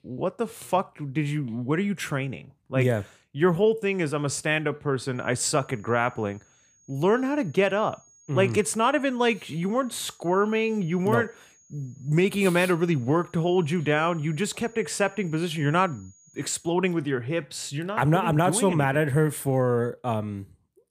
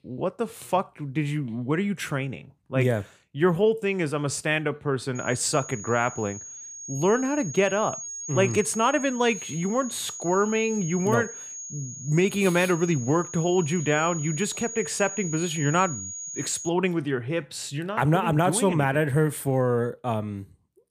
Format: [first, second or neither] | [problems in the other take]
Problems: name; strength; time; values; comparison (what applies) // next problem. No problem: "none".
first | high-pitched whine; loud; from 5 to 17 s; 6.5 kHz, 9 dB below the speech; faint in the first